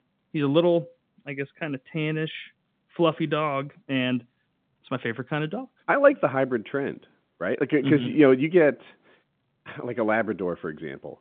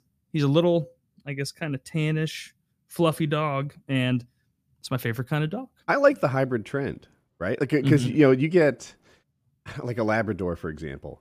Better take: second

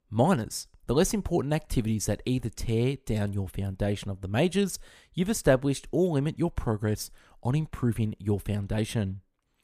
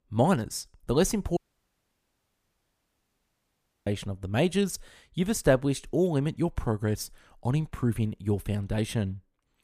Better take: first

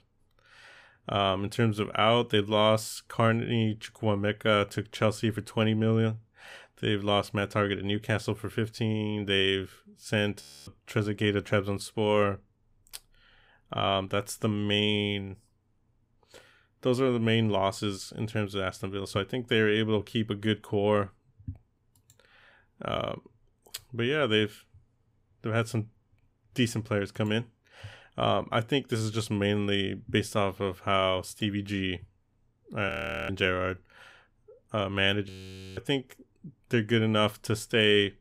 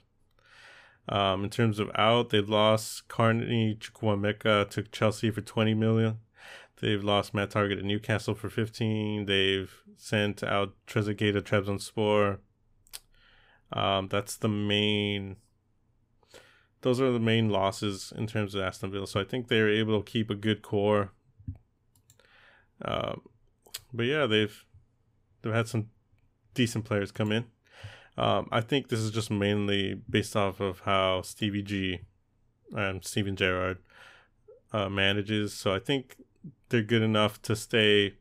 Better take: second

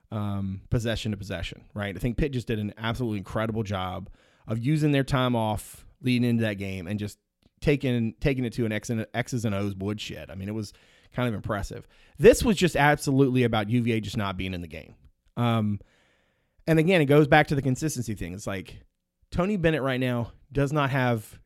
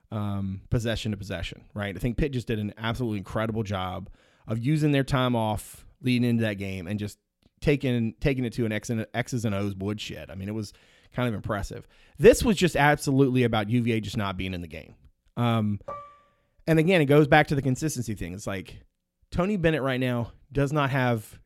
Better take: first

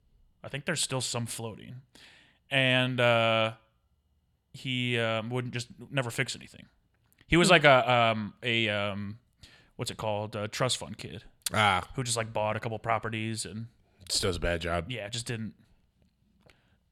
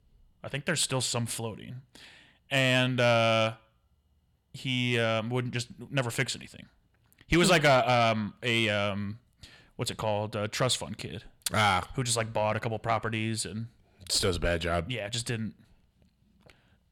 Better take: first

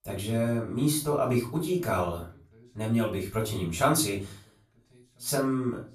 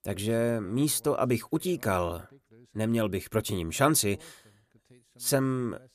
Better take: second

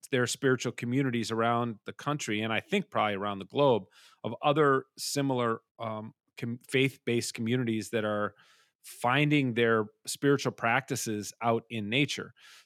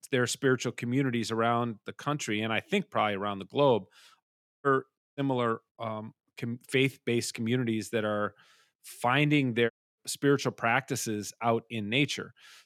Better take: first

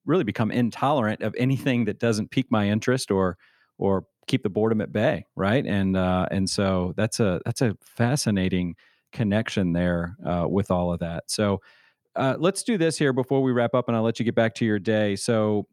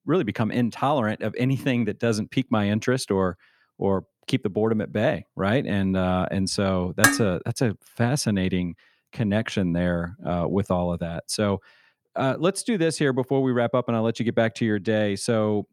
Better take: first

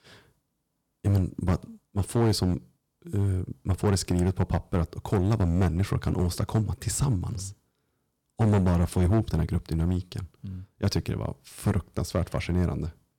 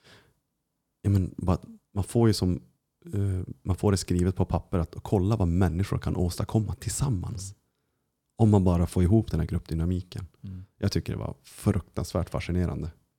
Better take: second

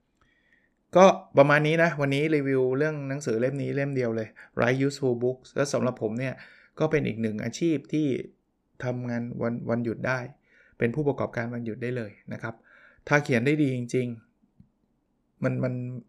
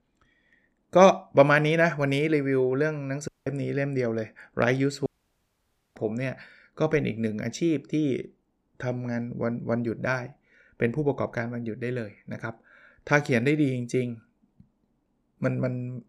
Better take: first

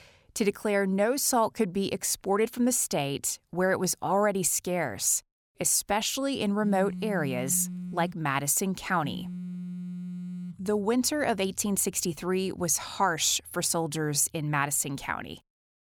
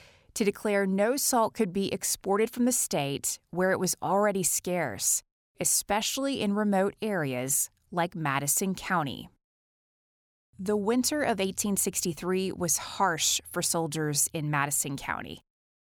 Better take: second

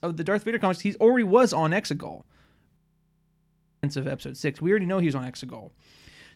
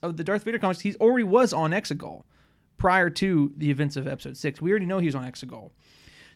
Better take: second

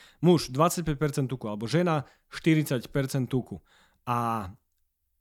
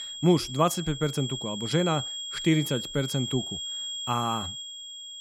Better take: first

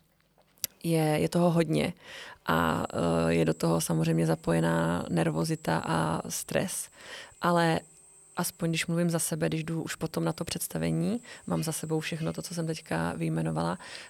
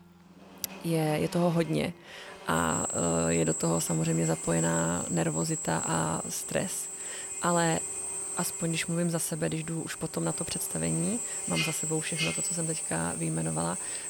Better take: first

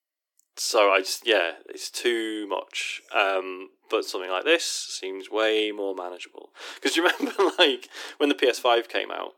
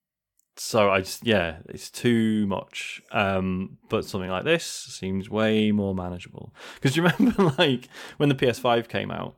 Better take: second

